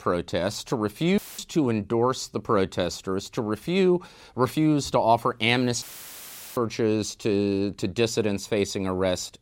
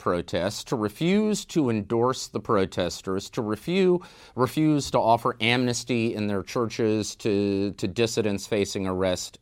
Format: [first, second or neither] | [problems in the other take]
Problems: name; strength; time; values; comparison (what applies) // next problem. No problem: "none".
second | audio cutting out; filled with static; at 1 s and at 6 s for 1 s